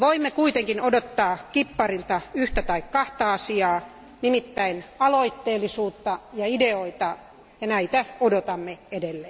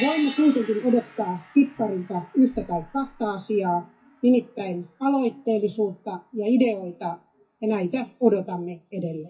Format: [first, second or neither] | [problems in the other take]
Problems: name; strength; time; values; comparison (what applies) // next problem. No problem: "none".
first | noise reduction (classical method WPE with log-MMSE)